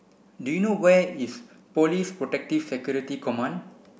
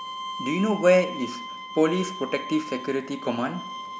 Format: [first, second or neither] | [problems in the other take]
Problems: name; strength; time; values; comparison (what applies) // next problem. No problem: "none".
first | background sound (Bowed string instrument); 11 dB below the speech